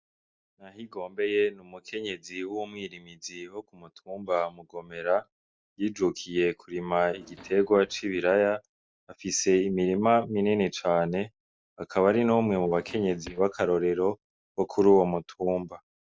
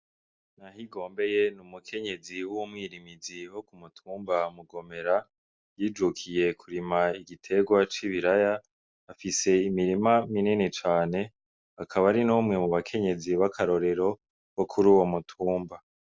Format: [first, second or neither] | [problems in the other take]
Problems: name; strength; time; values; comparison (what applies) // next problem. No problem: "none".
second | noise reduction (neural mask model DeepFilterNet 3)